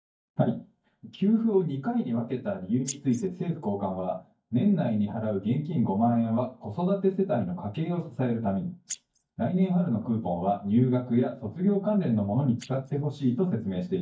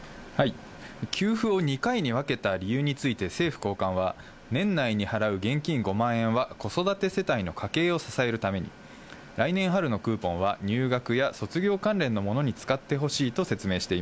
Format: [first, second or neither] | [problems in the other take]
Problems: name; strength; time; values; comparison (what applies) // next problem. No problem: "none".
second | noise reduction (neural mask model DeepFilterNet 3)